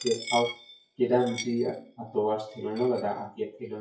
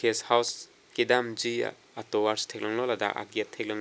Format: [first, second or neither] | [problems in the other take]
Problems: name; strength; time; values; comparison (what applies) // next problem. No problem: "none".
second | noise reduction (classical method WPE with log-MMSE)